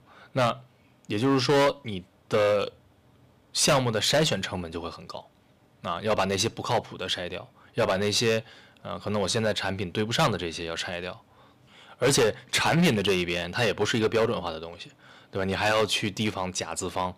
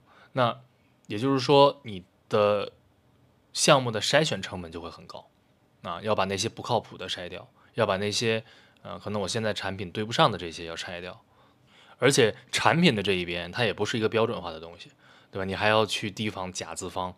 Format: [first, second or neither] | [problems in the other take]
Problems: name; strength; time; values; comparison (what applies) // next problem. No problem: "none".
second | distortion; heavy; 5% of the sound clipped